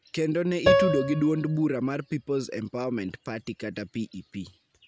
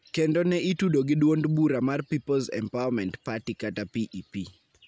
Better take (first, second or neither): second